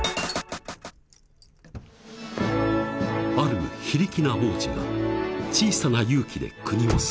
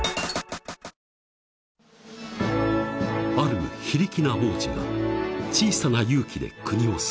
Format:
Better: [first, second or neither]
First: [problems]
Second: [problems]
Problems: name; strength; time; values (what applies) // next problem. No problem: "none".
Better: second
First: background sound (Slam / Car); 13 dB below the speech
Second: none